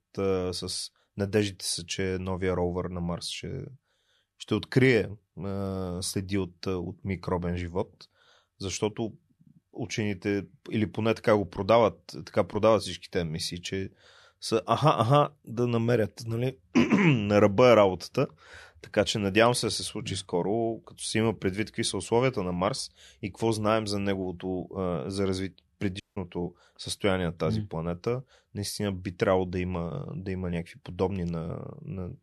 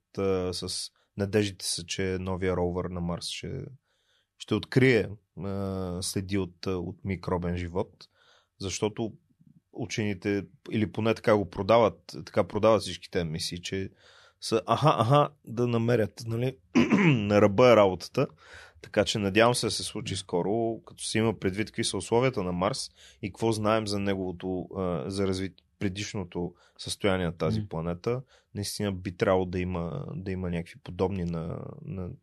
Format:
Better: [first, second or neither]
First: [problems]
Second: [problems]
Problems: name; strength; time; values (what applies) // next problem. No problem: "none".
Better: second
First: audio cutting out; at 26 s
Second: none